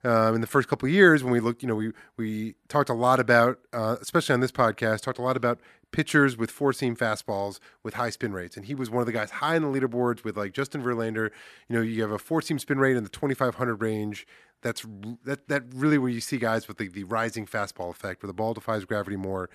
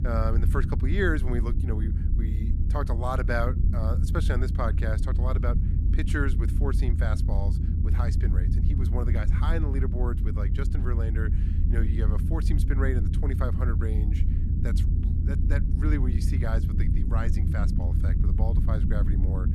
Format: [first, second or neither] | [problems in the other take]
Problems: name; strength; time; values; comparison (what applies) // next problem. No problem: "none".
first | low rumble; loud; throughout; 6 dB below the speech